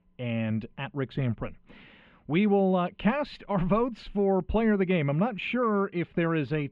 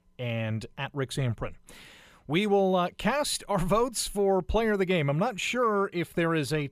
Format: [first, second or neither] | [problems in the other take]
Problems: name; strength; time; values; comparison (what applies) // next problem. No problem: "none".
second | muffled; very; fading above 3 kHz